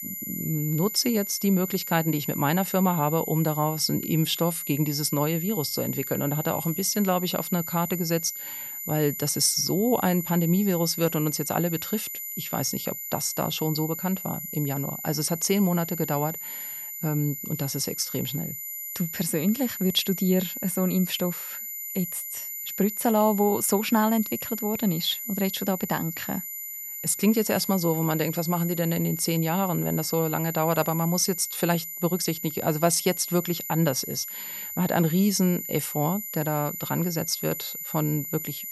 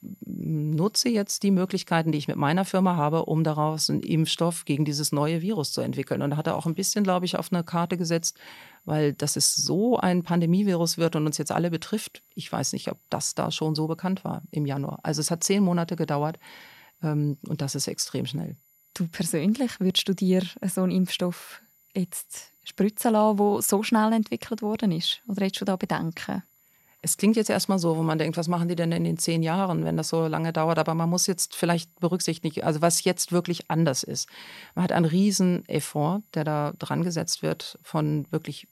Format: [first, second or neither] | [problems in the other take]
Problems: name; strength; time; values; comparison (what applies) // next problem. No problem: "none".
second | high-pitched whine; loud; throughout; 12 kHz, 6 dB below the speech; faint in the second